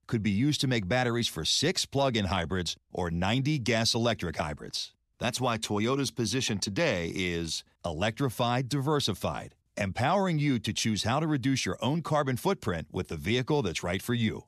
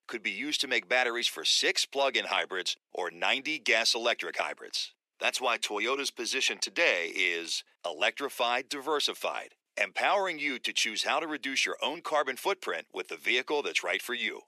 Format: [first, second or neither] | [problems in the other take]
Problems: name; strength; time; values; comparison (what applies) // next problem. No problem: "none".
first | thin; very; fading below 350 Hz